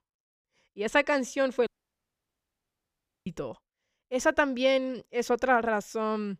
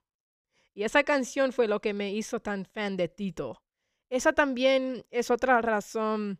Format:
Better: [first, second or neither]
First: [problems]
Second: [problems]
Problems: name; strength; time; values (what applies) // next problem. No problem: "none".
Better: second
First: audio cutting out; at 1.5 s for 1.5 s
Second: none